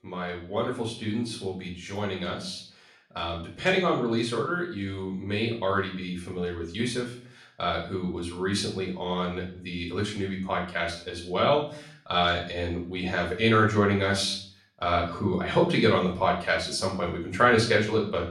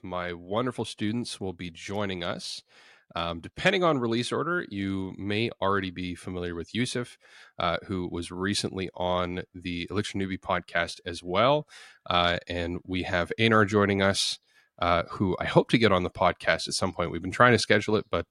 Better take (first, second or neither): second